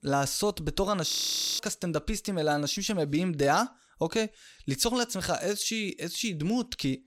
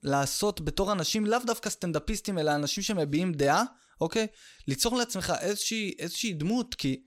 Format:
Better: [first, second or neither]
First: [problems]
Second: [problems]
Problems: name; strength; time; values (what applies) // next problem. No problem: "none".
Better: second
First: audio freezing; at 1 s for 0.5 s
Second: none